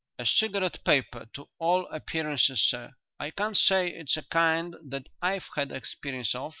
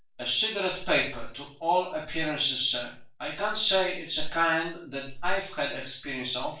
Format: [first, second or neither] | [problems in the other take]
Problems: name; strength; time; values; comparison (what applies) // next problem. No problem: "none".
first | room echo; dies away in 0.3 s